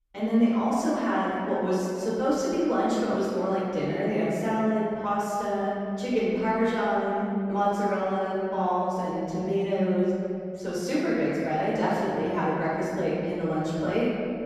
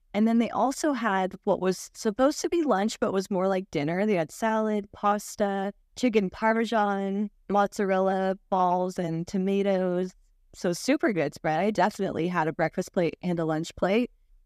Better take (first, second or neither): second